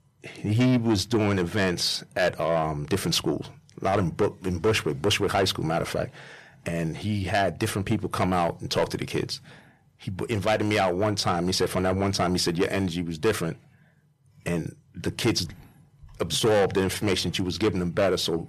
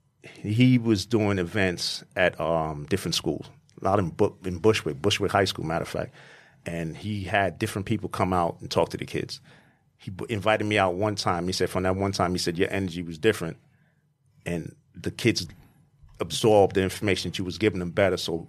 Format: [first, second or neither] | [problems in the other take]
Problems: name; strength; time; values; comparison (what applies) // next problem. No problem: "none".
second | distortion; heavy; 7 dB below the speech